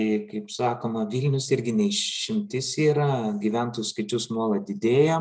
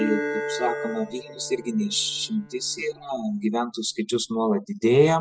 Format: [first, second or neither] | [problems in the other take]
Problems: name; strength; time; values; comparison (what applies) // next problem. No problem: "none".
first | noise reduction (classical method spectral subtraction)